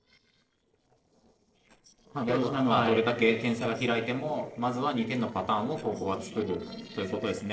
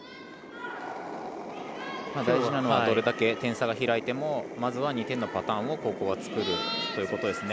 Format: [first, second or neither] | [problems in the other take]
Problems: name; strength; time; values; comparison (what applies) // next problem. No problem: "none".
second | noise reduction (neural separator model SepFormer DNS4)